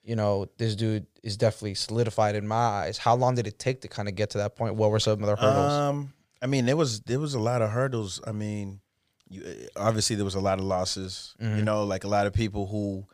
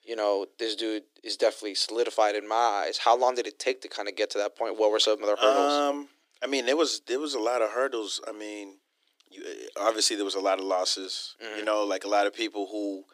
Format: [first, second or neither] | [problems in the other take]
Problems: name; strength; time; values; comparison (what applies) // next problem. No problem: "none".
first | thin; somewhat; fading below 300 Hz